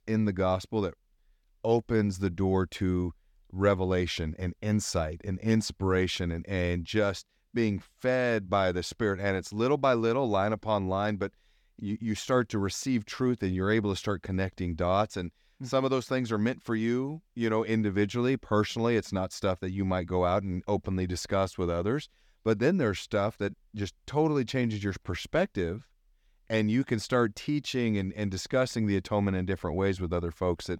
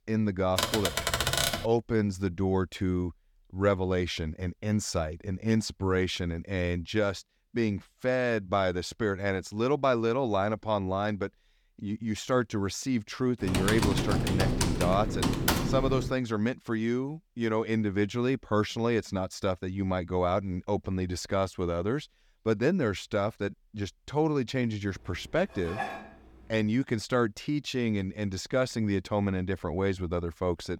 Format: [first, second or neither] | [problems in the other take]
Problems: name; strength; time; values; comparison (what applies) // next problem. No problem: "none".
first | keyboard typing; loud; from 0.5 to 1.5 s and from 13 to 16 s; peak 4 dB above the speech // clattering dishes; noticeable; at 26 s; peak 6 dB below the speech